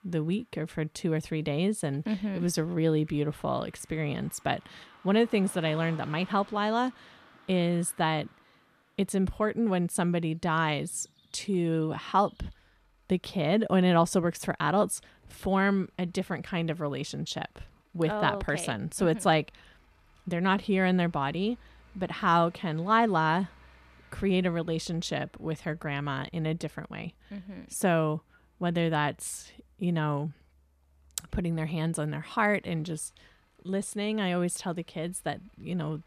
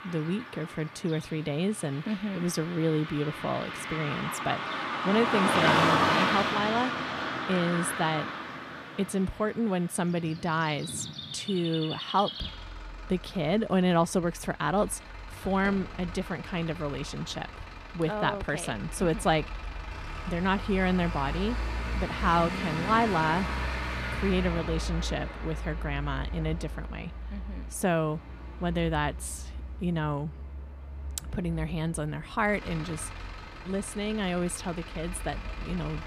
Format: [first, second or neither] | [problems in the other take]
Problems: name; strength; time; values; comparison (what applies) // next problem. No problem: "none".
first | traffic noise; loud; throughout; 4 dB below the speech; faint in the first